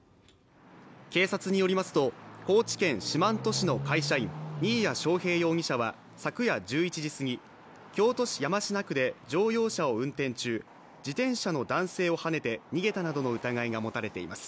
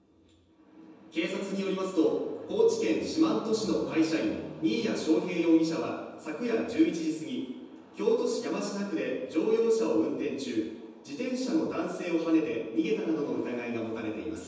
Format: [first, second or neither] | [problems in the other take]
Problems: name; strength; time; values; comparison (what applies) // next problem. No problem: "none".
first | room echo; dies away in 1.1 s